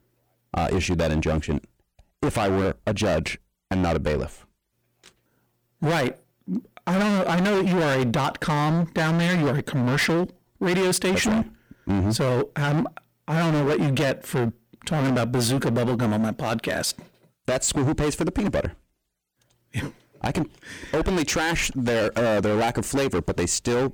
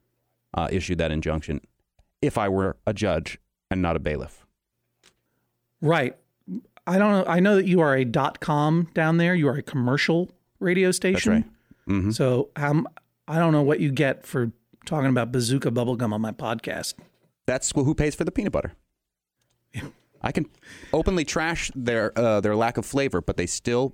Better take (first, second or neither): second